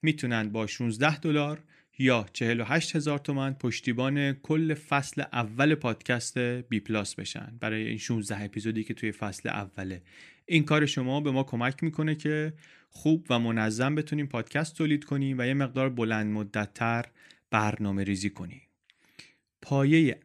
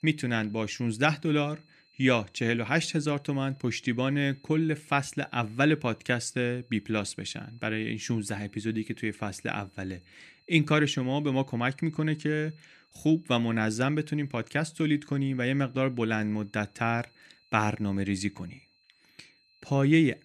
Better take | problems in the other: first | high-pitched whine; faint; throughout; 4 kHz, 35 dB below the speech

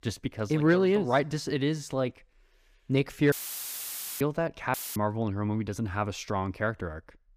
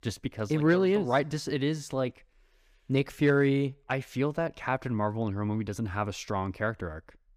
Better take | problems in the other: second | audio cutting out; filled with static; at 3.5 s for 1 s and at 4.5 s

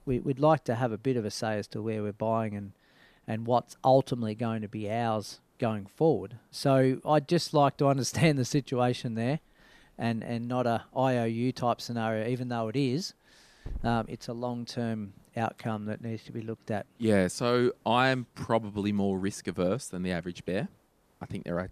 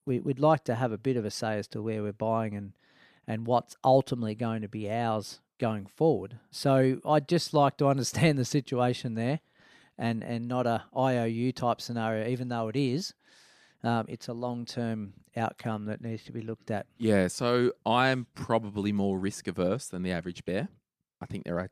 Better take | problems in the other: second | hiss; faint; throughout; 30 dB below the speech

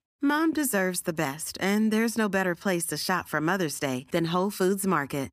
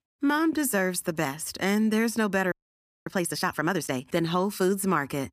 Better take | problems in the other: first | audio freezing; at 2.5 s for 0.5 s

